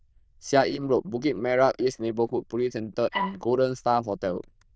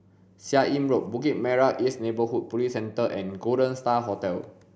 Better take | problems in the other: second | noise reduction (neural diffusion model UNIVERSE++)

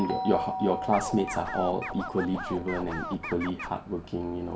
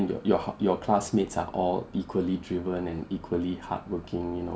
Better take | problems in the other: second | background sound (Doorbell + Scratching (performance technique)); 6 dB below the speech

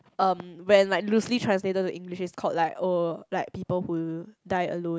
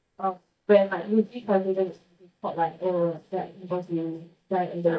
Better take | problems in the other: first | noise reduction (neural mask model DeepFilterNet 3)

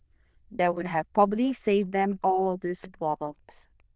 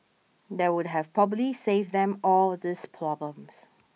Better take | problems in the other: second | noise reduction (neural diffusion model UNIVERSE++)

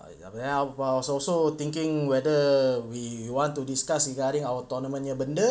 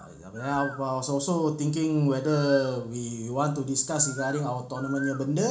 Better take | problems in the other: first | background sound (Bird); 16 dB below the speech // room echo; dies away in 0.4 s

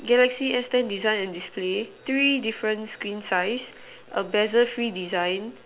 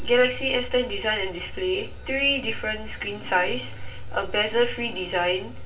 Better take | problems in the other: first | background sound (Engine starting / Motorcycle); 17 dB below the speech // room echo; dies away in 0.2 s

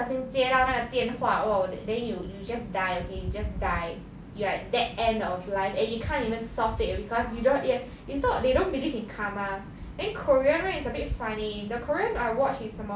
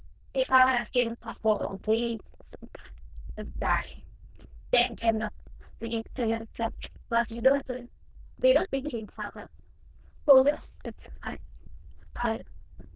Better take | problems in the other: first | noise reduction (neural diffusion model UNIVERSE++)

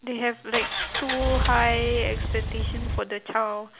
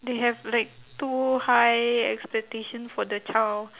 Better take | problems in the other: second | background sound (Engine); 1 dB above the speech

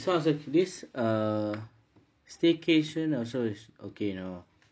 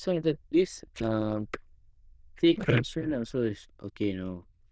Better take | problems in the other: first | noise reduction (neural diffusion model UNIVERSE++)

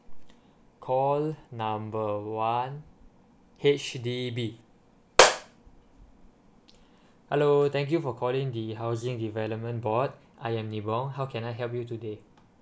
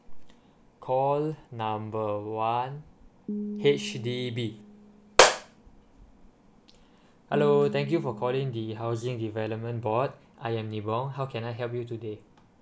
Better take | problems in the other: first | background sound (Piano); 12 dB below the speech

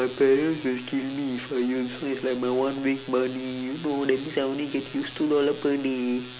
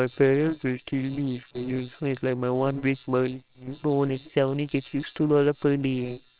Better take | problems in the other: first | noise reduction (neural separator model SepFormer WHAMR!)

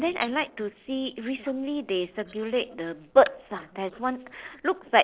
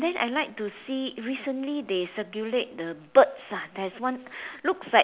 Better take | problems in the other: second | noise reduction (neural separator model SepFormer DNS4)

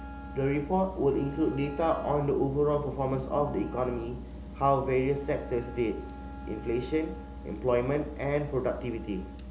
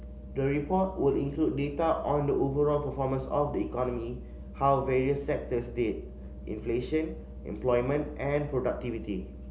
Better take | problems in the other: second | background sound (Rain + Wind instrument, woodwind instrument); 16 dB below the speech

